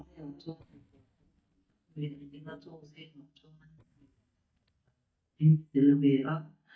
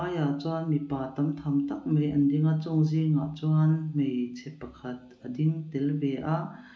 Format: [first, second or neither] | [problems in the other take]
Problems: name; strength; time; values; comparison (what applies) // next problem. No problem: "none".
second | noise reduction (neural mask model DeepFilterNet 3)